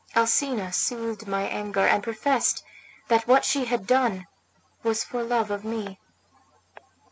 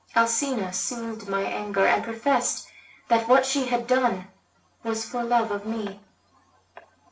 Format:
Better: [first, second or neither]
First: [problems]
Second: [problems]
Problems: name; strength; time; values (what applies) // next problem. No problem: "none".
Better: first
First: none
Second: room echo; dies away in 0.4 s